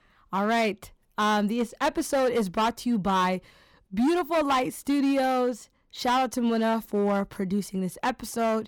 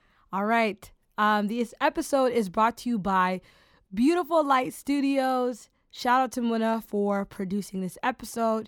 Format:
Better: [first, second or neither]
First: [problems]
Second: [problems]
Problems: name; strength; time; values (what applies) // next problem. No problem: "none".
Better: second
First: distortion; slight; 11% of the sound clipped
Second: none